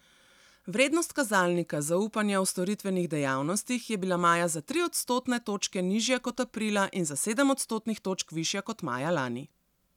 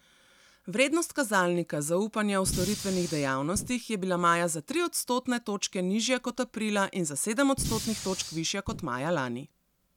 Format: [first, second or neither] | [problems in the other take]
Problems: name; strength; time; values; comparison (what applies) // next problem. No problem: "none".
first | background sound (Fire); 8 dB below the speech